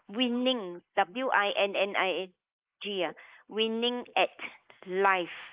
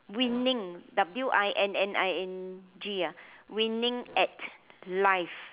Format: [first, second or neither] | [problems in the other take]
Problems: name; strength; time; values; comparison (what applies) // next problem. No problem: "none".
second | noise reduction (neural mask model Resemble Enhance denoiser)